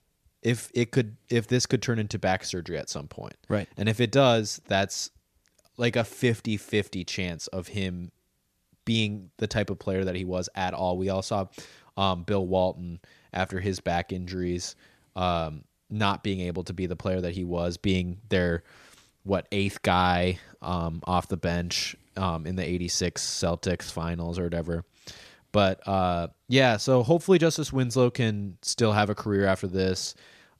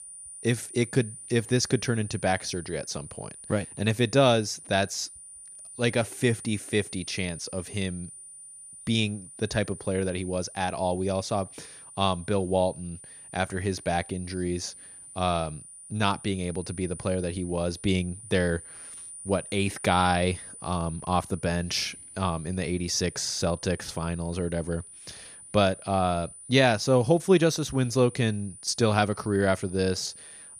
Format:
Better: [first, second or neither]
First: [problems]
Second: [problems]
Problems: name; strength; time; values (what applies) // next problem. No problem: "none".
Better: first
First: none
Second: high-pitched whine; noticeable; throughout; 9.5 kHz, 15 dB below the speech